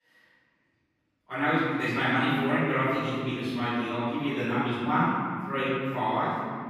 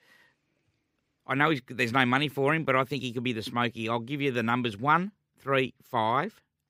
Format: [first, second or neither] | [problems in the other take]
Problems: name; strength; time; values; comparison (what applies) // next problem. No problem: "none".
second | room echo; strong; dies away in 2.2 s // off-mic speech; far